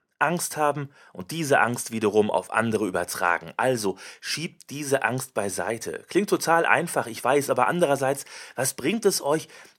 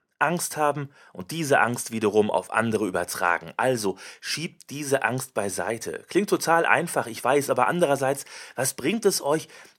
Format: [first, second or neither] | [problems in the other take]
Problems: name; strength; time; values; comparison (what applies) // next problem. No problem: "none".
neither | none